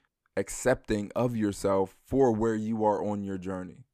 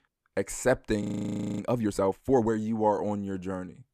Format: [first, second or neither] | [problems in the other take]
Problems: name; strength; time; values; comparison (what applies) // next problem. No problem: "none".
first | audio freezing; at 1 s for 0.5 s